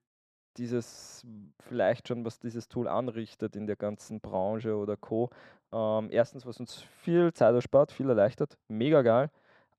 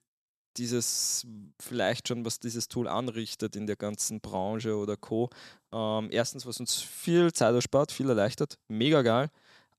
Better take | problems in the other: second | muffled; very; fading above 3.5 kHz

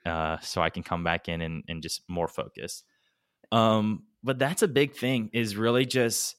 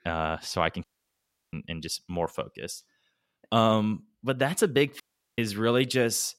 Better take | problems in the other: first | audio cutting out; at 1 s for 0.5 s and at 5 s

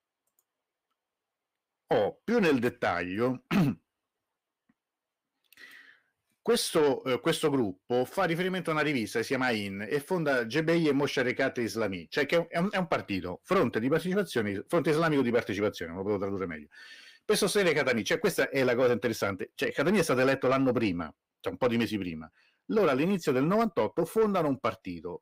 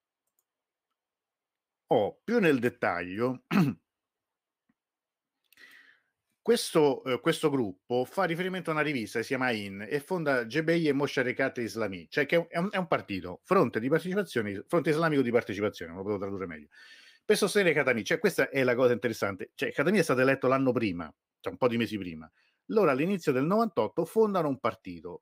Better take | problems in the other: second | distortion; slight; 10 dB below the speech

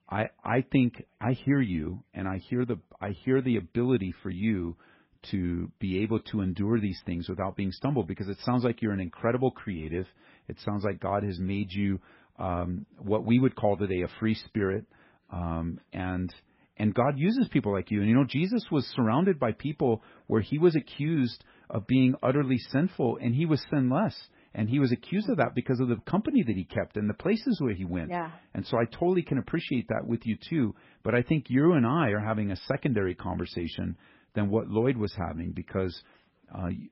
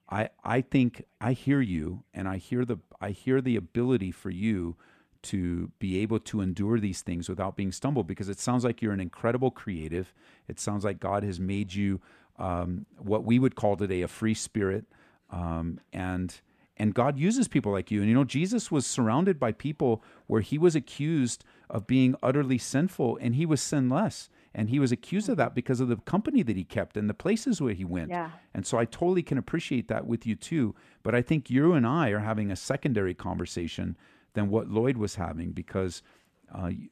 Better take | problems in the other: second | garbled, watery; badly; nothing above 5.5 kHz

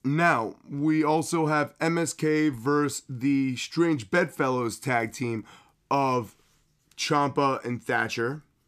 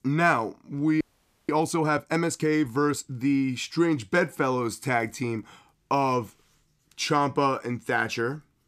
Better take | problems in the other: first | audio freezing; at 1 s

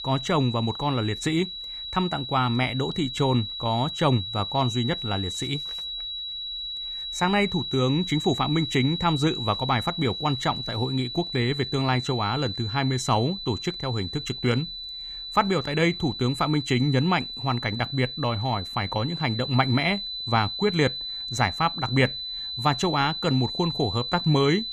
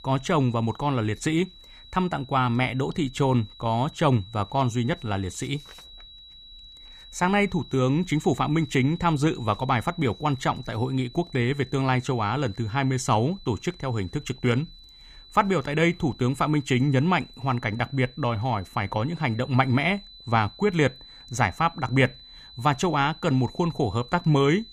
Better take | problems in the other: second | high-pitched whine; loud; throughout; 4 kHz, 6 dB below the speech; faint in the second

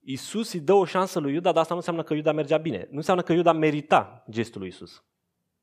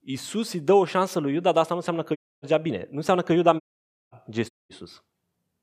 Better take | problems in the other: first | audio cutting out; at 2 s, at 3.5 s for 0.5 s and at 4.5 s

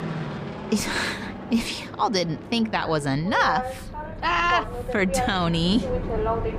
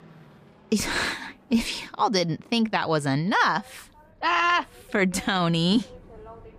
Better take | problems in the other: second | train or aircraft noise; loud; throughout; 7 dB below the speech; faint in the second

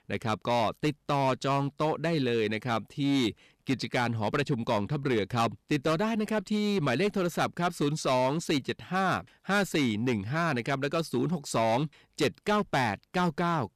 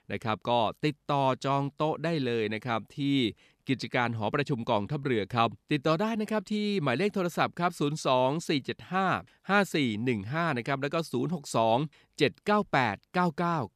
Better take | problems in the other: second | distortion; slight; 9% of the sound clipped

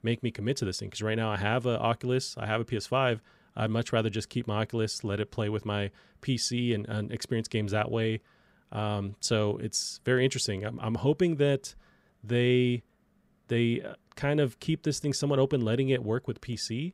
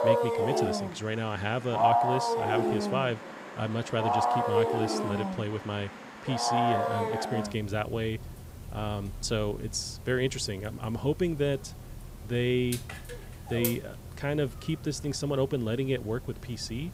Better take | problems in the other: first | animal sounds; very loud; throughout; 2 dB above the speech

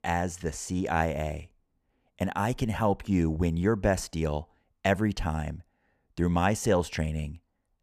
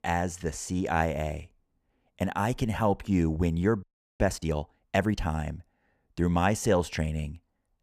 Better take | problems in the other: first | audio freezing; at 4 s

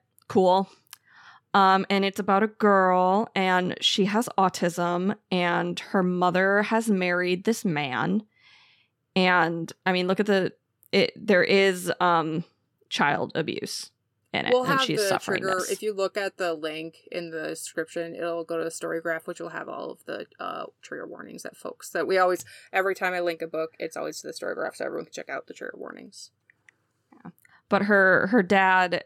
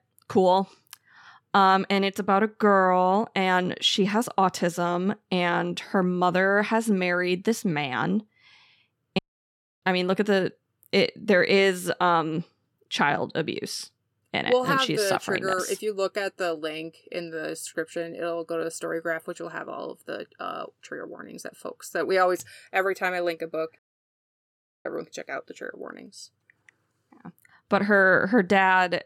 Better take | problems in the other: first | audio cutting out; at 9 s for 0.5 s and at 24 s for 1 s

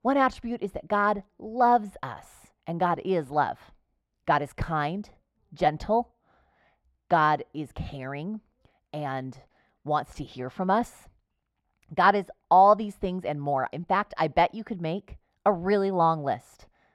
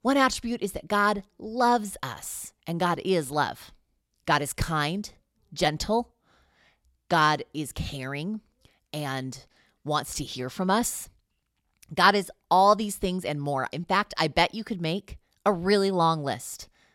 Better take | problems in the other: second | muffled; very; fading above 3.5 kHz

